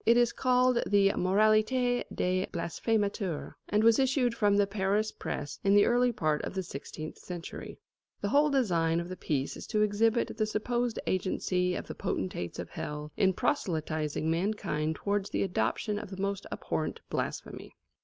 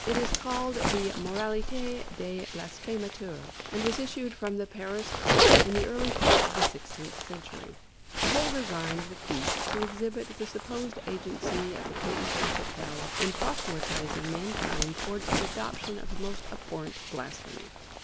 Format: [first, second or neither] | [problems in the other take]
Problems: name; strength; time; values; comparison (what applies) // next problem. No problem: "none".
first | background sound (Zipper (clothing)); 4 dB above the speech